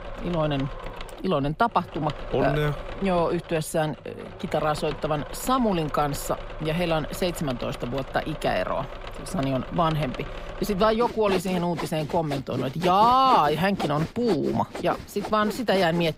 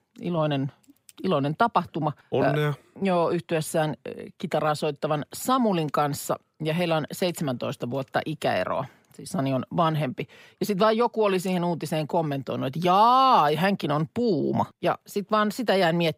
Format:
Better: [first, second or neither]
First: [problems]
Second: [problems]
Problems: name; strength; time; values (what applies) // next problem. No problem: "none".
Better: second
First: machinery noise; noticeable; throughout; 10 dB below the speech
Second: none